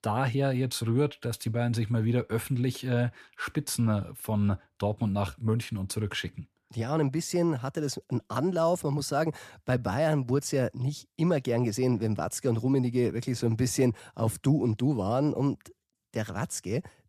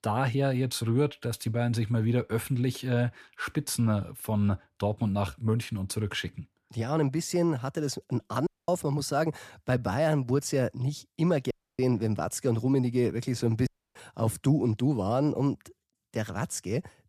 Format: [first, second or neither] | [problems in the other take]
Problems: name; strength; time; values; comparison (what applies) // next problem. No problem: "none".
first | audio cutting out; at 8.5 s, at 12 s and at 14 s